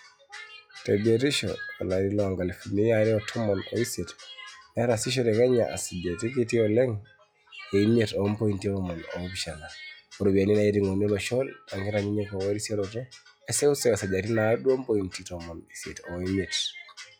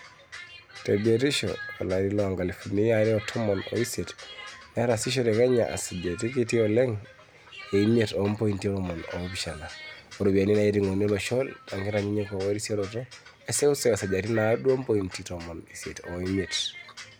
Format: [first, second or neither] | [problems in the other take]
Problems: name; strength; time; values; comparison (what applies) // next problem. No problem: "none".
second | noise reduction (classical method log-MMSE)